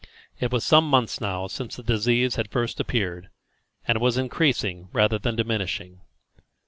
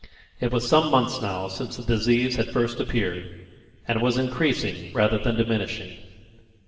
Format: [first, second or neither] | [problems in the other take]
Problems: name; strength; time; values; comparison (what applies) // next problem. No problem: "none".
first | room echo; dies away in 2.2 s